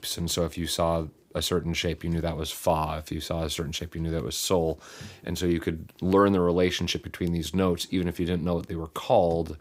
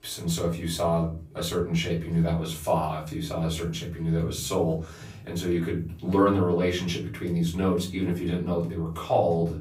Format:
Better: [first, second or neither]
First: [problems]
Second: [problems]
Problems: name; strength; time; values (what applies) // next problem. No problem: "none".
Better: first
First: none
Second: off-mic speech; far // room echo; slight; dies away in 0.5 s